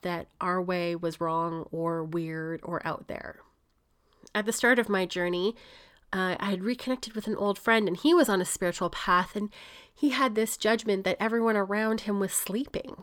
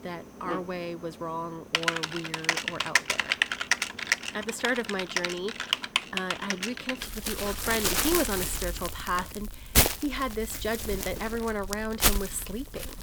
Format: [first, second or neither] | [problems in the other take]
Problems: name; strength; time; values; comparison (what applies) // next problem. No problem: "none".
first | household noises; very loud; throughout; 5 dB above the speech